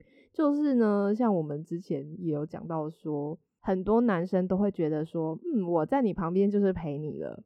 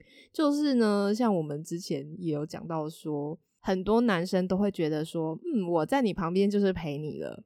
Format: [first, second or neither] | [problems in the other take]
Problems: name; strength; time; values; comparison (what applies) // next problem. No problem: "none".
second | muffled; very; fading above 2.5 kHz